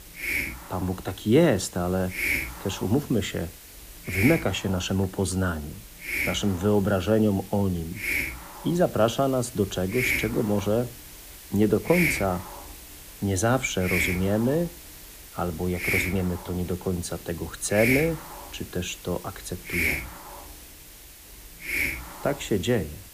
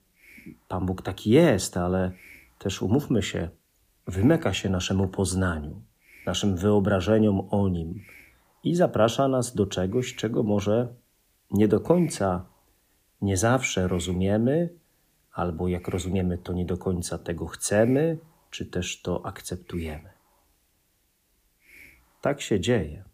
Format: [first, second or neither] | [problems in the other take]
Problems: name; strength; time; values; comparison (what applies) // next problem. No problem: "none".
second | hiss; loud; throughout; 3 dB below the speech; faint in the second